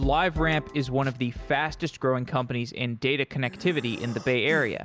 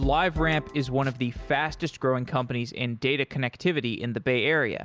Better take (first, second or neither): second